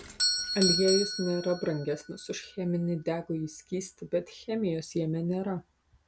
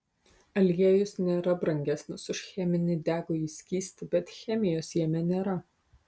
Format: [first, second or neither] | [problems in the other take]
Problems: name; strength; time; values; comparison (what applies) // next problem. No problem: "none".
second | background sound (Doorbell); 5 dB below the speech